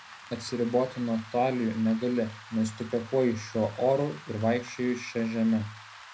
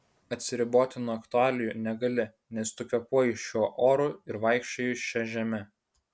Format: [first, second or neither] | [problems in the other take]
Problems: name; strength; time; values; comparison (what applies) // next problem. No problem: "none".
second | background sound (Rain); 19 dB below the speech // room echo; dies away in 0.4 s